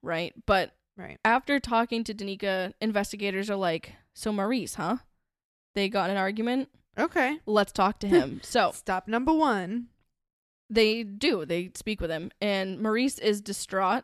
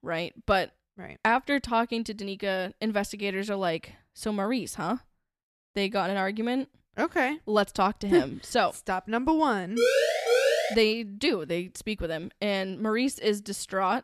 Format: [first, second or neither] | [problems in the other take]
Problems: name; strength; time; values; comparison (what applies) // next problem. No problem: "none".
first | siren; loud; at 10 s; peak 5 dB above the speech